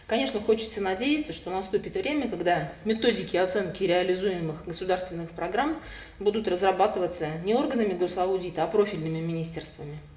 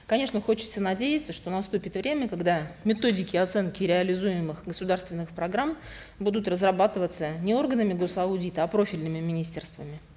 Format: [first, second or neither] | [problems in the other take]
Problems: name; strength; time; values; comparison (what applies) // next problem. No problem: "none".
second | room echo; dies away in 0.6 s